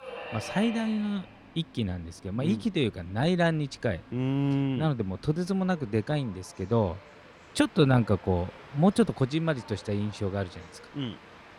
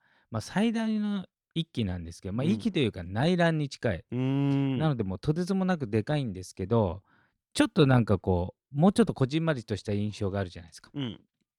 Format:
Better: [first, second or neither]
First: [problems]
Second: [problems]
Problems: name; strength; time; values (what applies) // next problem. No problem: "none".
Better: second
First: train or aircraft noise; noticeable; throughout; 20 dB below the speech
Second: none